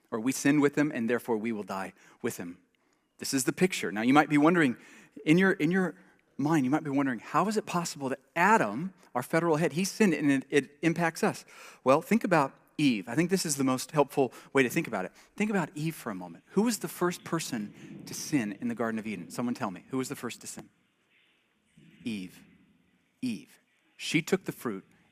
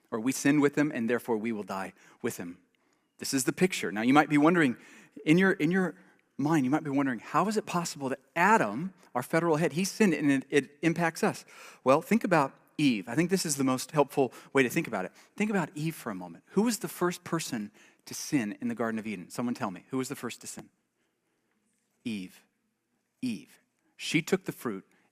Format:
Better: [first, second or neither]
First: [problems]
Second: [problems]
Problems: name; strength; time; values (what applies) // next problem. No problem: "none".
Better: second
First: animal sounds; faint; throughout; 25 dB below the speech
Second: none